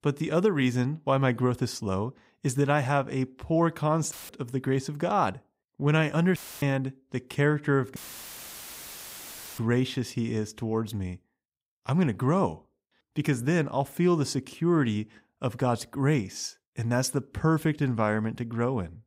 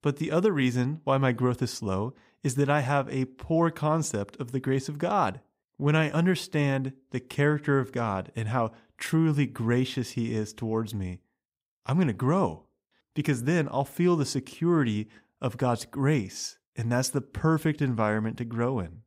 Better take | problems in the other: second | audio cutting out; filled with static; at 4 s, at 6.5 s and at 8 s for 1.5 s

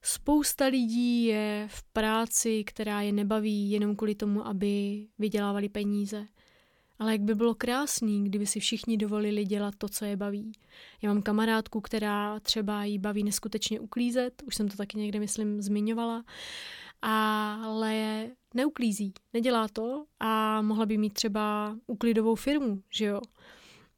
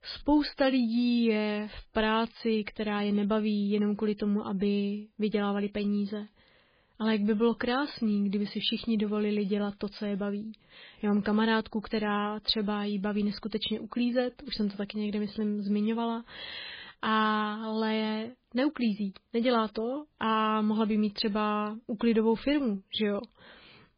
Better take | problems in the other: first | garbled, watery; badly; nothing above 4.5 kHz

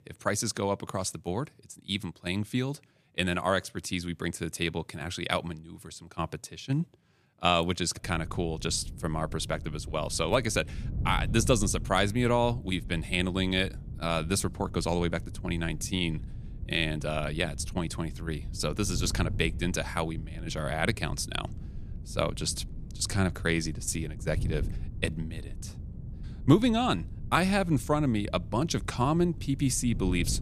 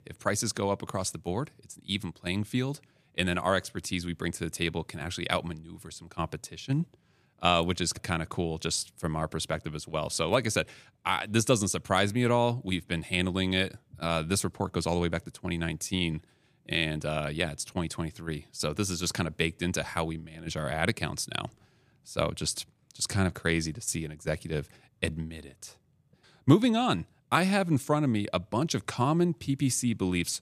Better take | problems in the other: second | wind noise on the microphone; occasional gusts; from 8 s on; 20 dB below the speech

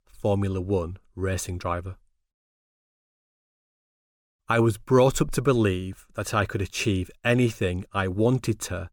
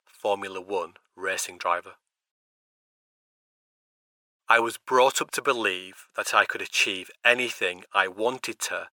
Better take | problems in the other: first | thin; very; fading below 700 Hz

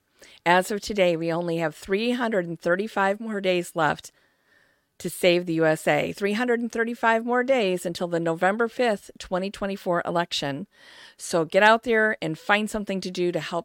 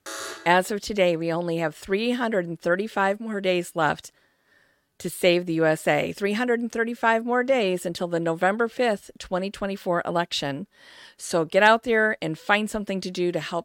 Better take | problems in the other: first | alarm; noticeable; at the start; peak 10 dB below the speech

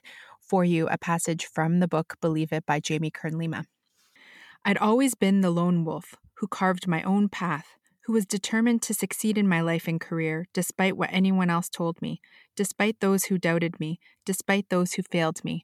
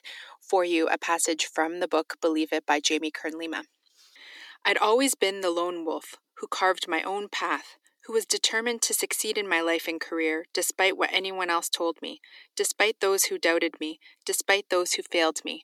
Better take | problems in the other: first | thin; very; fading below 300 Hz

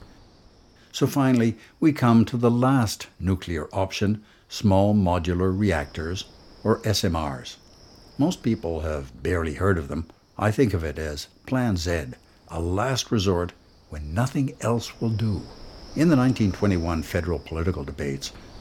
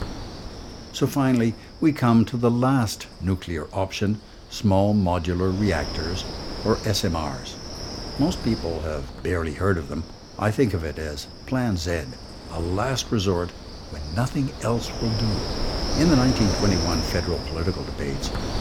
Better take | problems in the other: first | wind noise on the microphone; heavy; 6 dB below the speech; occasional gusts in the first

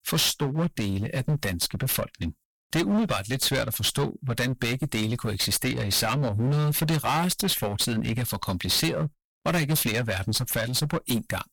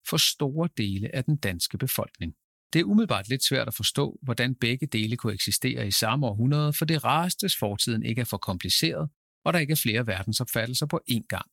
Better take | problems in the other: second | distortion; heavy; 17% of the sound clipped

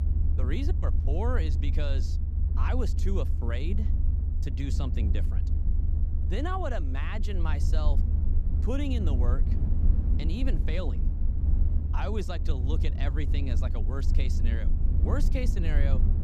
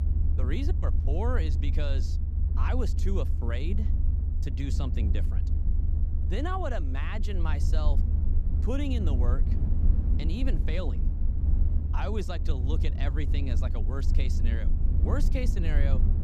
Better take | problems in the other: neither | low rumble; loud; throughout; 7 dB below the speech; the same in both

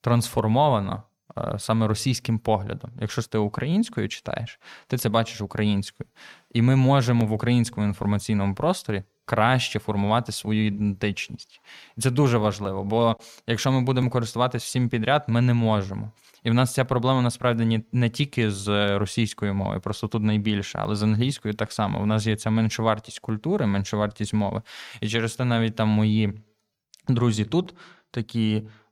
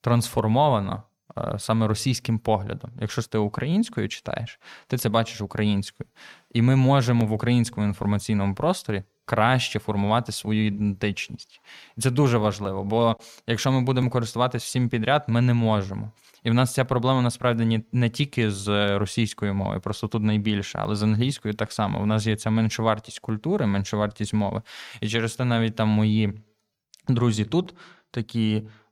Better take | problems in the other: neither | none

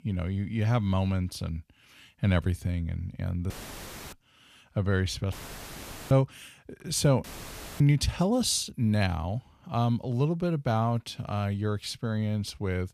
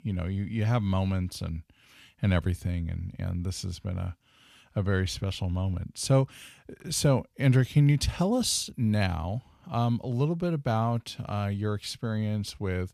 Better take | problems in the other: second | audio cutting out; filled with static; at 3.5 s for 0.5 s, at 5.5 s for 1 s and at 7 s for 0.5 s

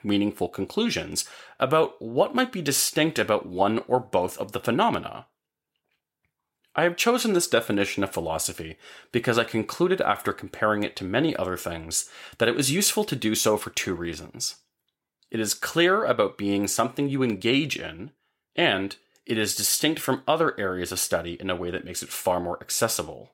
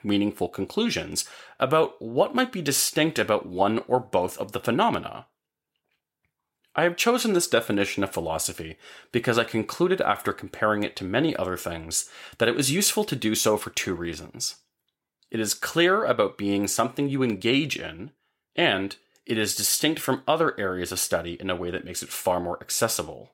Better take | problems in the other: neither | none

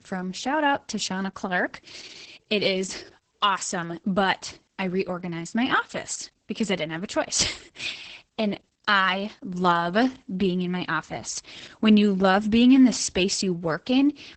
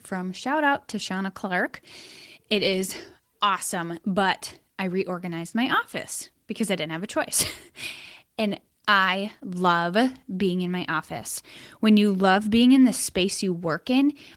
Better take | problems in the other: second | garbled, watery; badly; nothing above 8 kHz; slightly in the second

